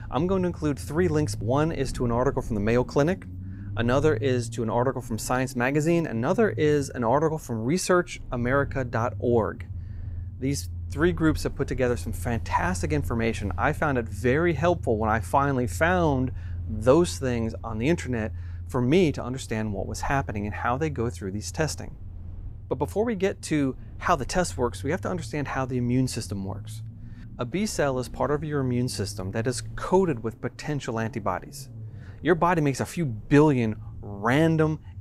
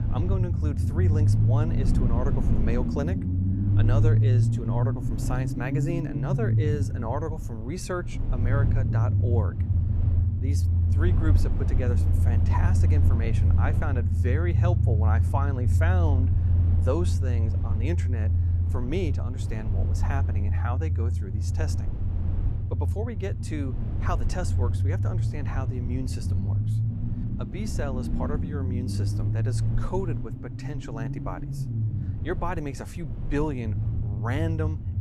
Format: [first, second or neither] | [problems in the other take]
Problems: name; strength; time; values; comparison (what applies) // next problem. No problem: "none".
first | low rumble; loud; throughout; 3 dB below the speech; faint in the first